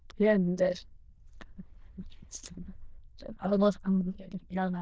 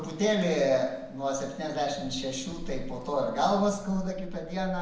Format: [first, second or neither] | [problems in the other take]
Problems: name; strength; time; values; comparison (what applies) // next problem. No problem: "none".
second | noise reduction (neural diffusion model UNIVERSE++)